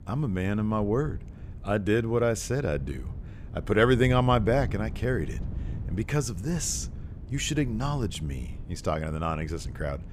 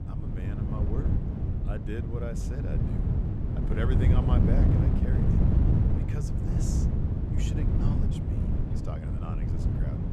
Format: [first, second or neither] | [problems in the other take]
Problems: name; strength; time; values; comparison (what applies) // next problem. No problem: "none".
first | wind noise on the microphone; heavy; 4 dB above the speech; occasional gusts in the first